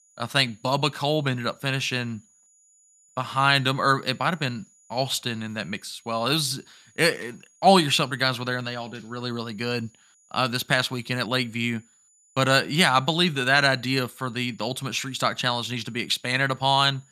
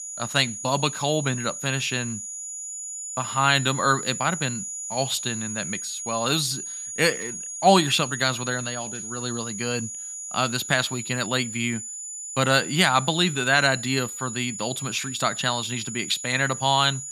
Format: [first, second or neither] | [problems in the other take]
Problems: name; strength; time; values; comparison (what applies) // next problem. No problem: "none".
first | high-pitched whine; loud; throughout; 7 kHz, 8 dB below the speech; faint in the first